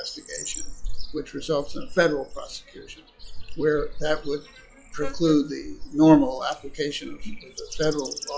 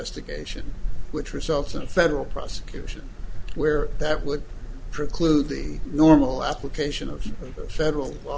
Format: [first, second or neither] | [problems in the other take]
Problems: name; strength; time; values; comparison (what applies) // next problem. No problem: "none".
second | noise reduction (classical method log-MMSE)